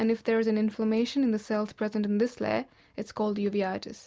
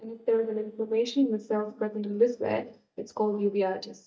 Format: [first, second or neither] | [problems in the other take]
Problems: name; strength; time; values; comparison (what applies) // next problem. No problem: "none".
first | noise reduction (neural mask model DeepFilterNet 3)